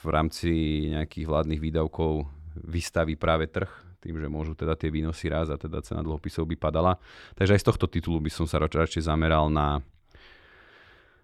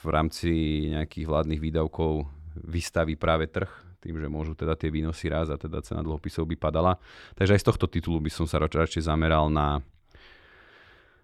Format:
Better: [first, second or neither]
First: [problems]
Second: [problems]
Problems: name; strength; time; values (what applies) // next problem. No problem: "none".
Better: neither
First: none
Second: none